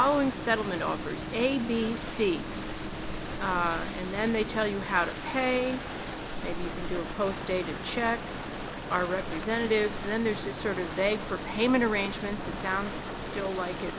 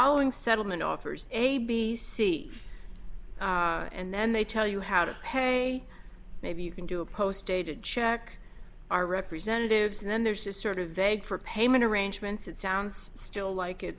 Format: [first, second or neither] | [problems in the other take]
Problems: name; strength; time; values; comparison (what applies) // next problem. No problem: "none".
second | background sound (Boat, Water vehicle); 7 dB below the speech